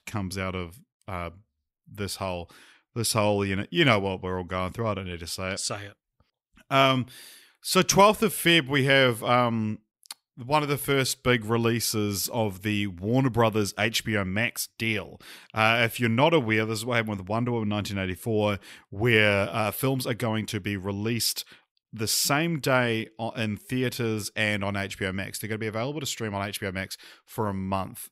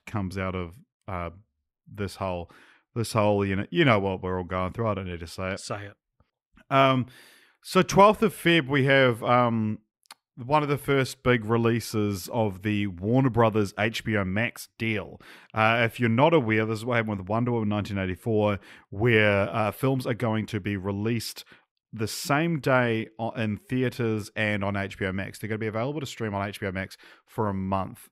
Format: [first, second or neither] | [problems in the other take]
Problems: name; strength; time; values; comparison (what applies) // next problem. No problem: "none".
first | muffled; slightly; fading above 3 kHz